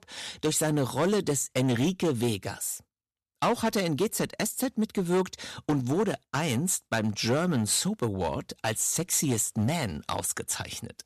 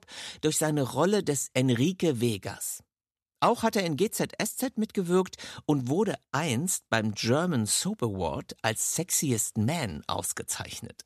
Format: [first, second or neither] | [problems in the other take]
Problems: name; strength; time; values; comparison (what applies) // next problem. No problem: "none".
second | distortion; slight; 6% of the sound clipped